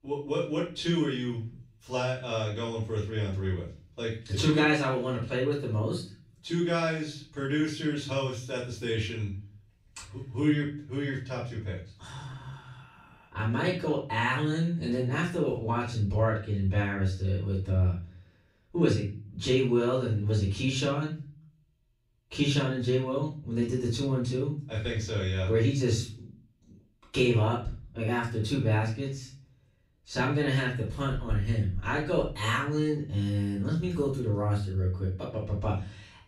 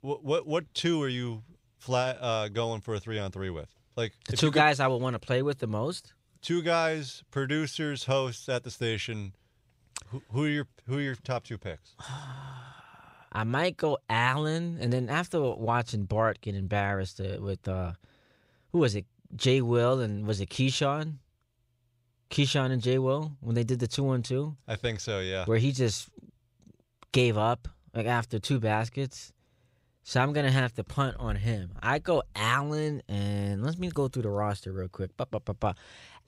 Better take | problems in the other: second | room echo; slight; dies away in 0.4 s // off-mic speech; far

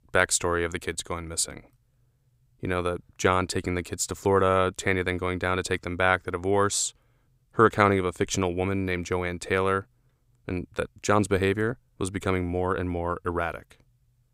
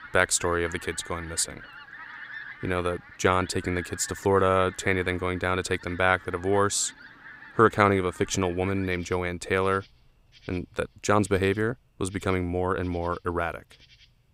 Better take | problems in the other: first | animal sounds; noticeable; throughout; 15 dB below the speech

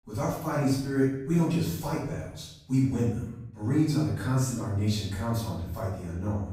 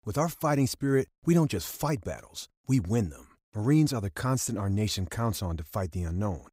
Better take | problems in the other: second | room echo; noticeable; dies away in 0.8 s // off-mic speech; far

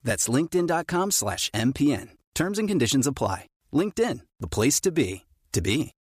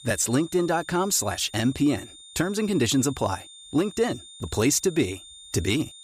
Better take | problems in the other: first | high-pitched whine; noticeable; throughout; 3.5 kHz, 20 dB below the speech

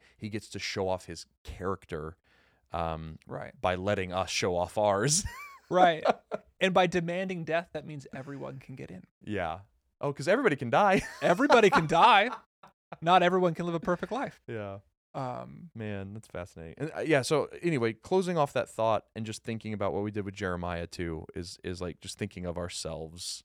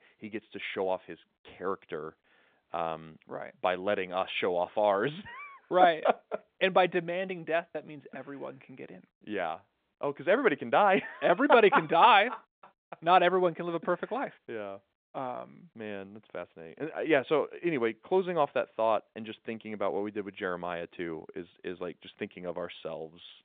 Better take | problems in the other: first | phone-call audio; nothing above 3.5 kHz

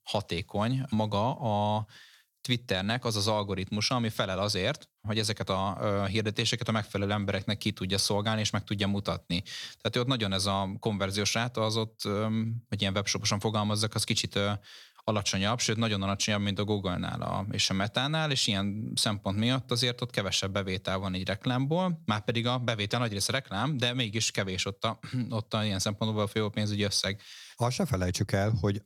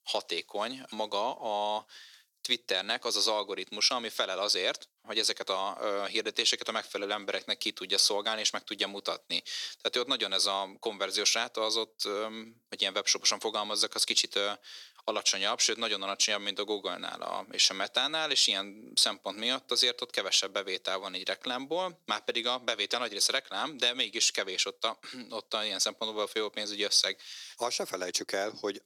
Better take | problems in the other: first | thin; very; fading below 350 Hz

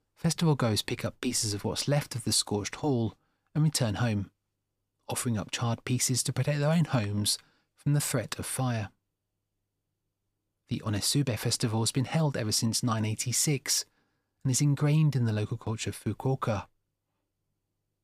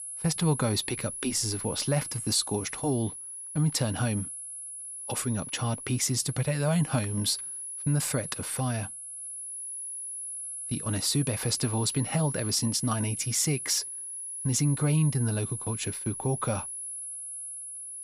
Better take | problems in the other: first | high-pitched whine; loud; throughout; 10.5 kHz, 6 dB below the speech

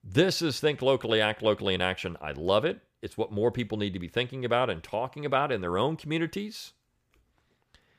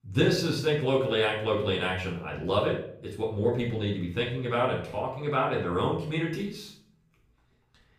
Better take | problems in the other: first | off-mic speech; far // room echo; noticeable; dies away in 0.5 s

